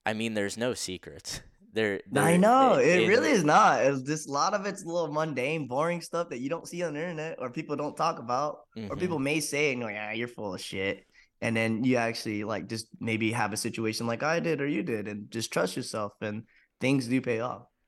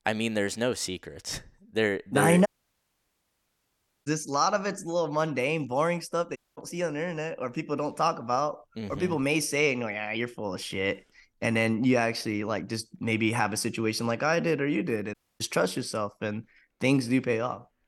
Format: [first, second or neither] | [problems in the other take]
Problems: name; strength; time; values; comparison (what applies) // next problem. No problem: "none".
first | audio cutting out; at 2.5 s for 1.5 s, at 6.5 s and at 15 s